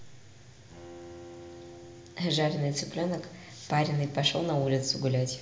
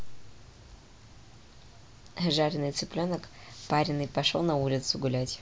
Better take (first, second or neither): second